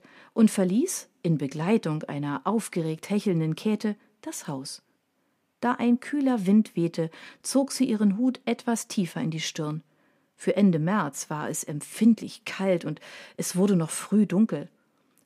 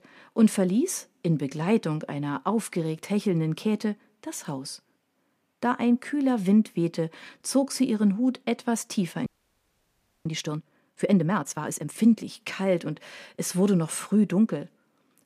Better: first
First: none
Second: audio freezing; at 9.5 s for 1 s

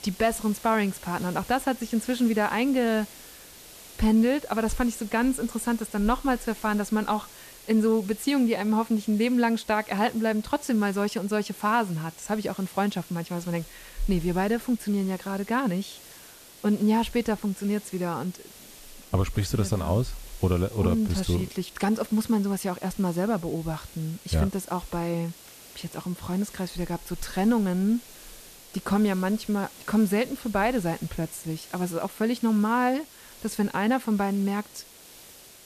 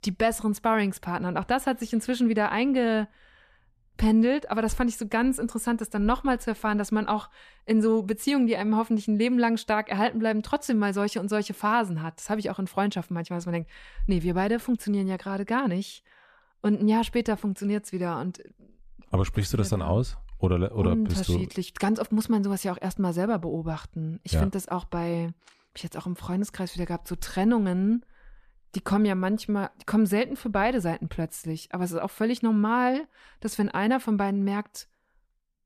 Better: second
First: hiss; noticeable; throughout; 20 dB below the speech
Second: none

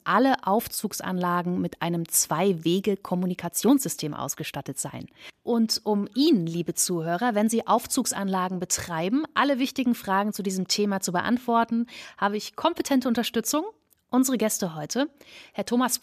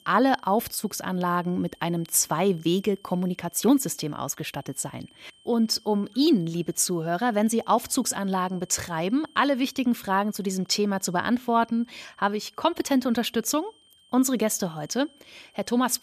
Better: first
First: none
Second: high-pitched whine; faint; throughout; 3 kHz, 30 dB below the speech

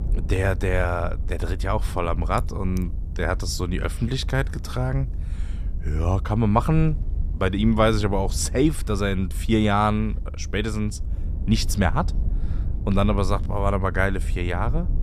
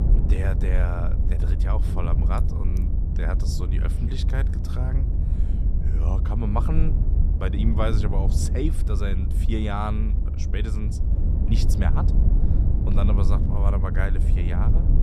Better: first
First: low rumble; faint; throughout; 20 dB below the speech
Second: low rumble; loud; throughout; 5 dB below the speech

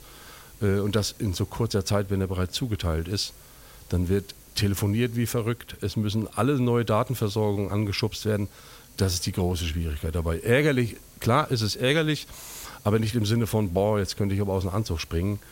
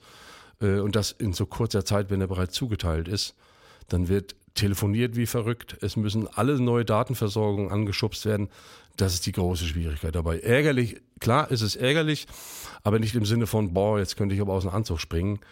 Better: second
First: hiss; faint; throughout; 25 dB below the speech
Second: none

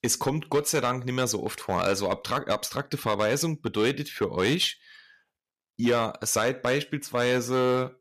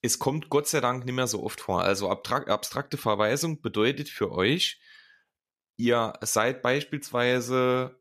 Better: second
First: distortion; slight; 4% of the sound clipped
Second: none

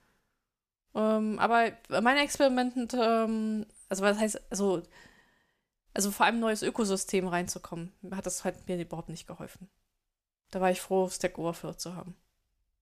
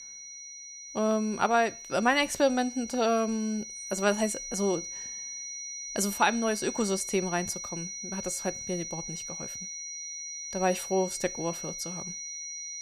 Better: first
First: none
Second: high-pitched whine; loud; throughout; 6 kHz, 8 dB below the speech

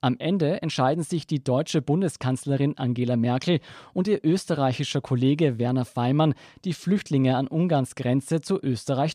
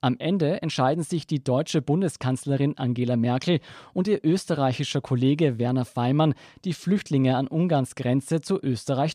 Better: neither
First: none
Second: none

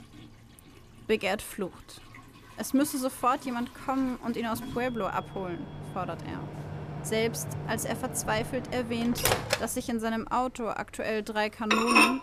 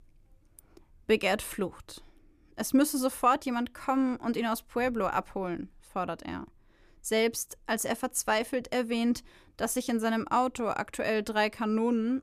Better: second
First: household noises; loud; throughout; 1 dB below the speech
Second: none

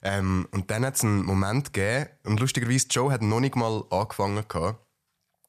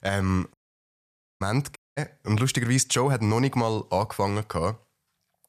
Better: first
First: none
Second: audio cutting out; at 0.5 s for 1 s and at 2 s

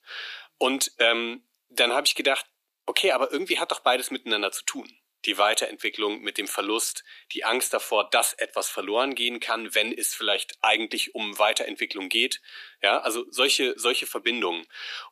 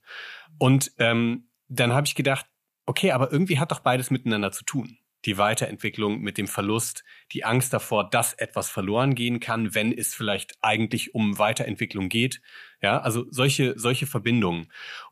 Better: second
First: thin; somewhat; fading below 300 Hz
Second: none

